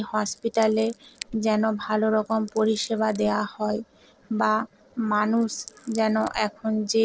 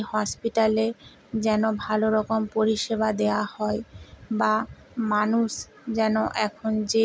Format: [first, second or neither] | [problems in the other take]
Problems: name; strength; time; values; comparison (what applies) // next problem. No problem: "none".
second | noise reduction (neural separator model SepFormer DNS4)